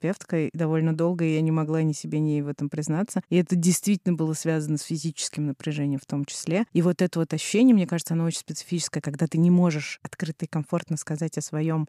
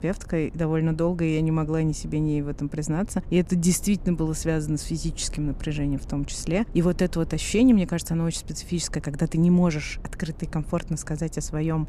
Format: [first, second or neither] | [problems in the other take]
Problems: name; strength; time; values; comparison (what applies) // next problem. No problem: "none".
first | low rumble; faint; throughout; 25 dB below the speech